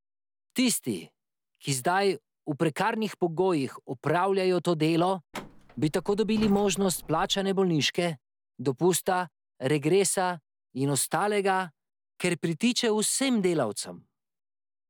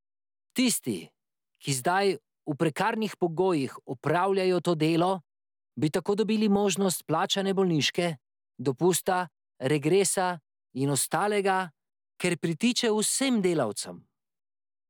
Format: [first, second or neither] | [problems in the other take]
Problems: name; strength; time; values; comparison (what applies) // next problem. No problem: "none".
second | background sound (Truck); 16 dB below the speech